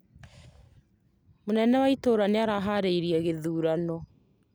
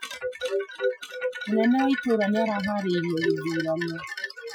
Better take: first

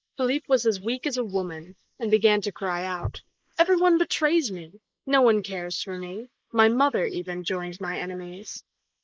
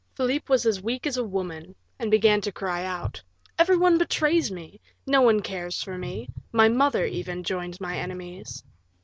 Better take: second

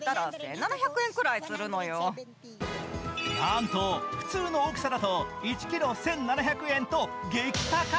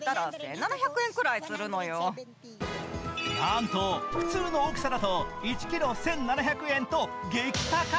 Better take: first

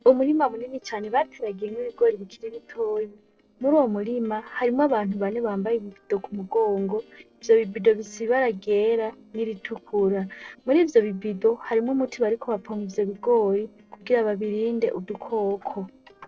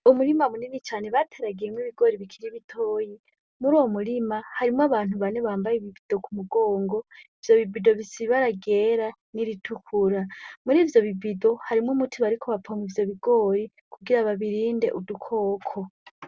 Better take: second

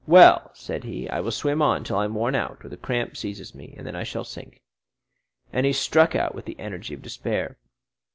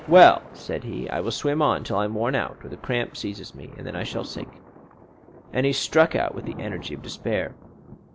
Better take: first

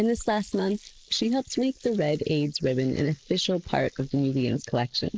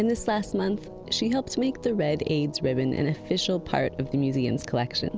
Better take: second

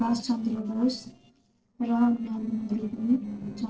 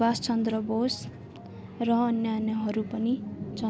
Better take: second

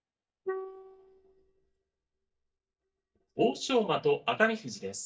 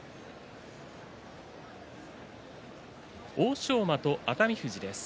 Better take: second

